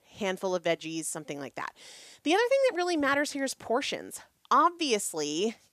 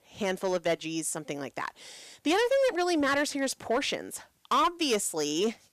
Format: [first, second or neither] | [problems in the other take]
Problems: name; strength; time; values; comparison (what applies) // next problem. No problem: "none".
first | distortion; slight; 6% of the sound clipped